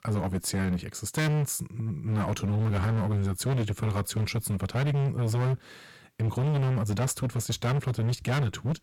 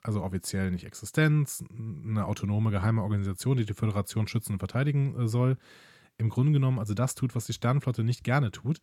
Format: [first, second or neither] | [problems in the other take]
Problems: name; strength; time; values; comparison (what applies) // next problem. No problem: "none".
second | distortion; heavy; 27% of the sound clipped